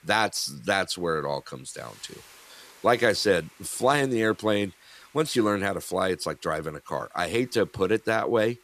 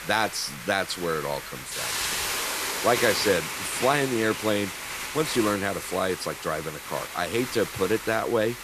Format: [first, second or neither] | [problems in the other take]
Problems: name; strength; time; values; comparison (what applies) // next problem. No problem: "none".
first | hiss; loud; throughout; 4 dB below the speech; faint in the first